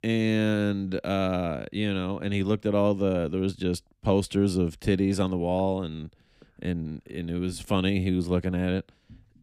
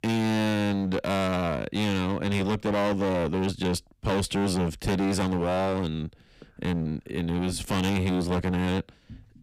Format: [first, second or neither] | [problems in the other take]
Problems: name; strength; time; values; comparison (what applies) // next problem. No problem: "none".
first | distortion; heavy; 23% of the sound clipped